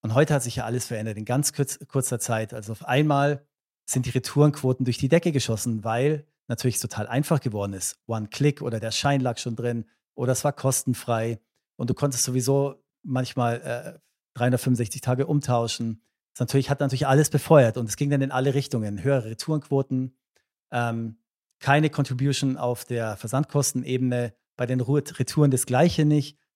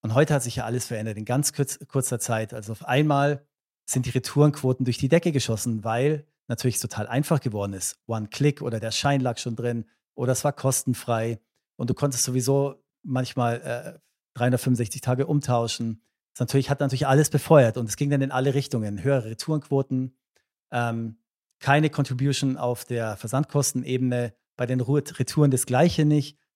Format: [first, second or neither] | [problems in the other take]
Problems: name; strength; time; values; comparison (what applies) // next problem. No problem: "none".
neither | none